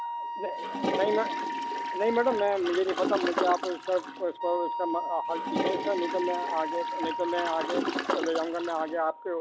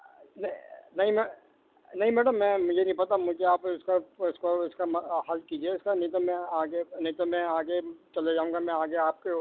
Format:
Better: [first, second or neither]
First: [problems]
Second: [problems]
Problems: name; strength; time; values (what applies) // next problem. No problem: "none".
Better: second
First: background sound (Toilet flush + Wind instrument, woodwind instrument); 3 dB below the speech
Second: none